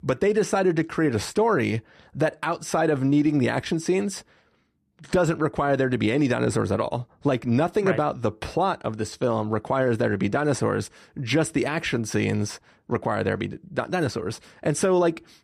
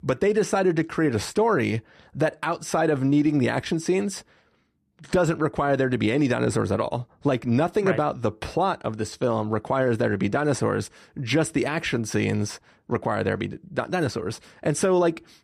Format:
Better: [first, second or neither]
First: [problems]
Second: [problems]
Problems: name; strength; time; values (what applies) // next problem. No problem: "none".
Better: neither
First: none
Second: none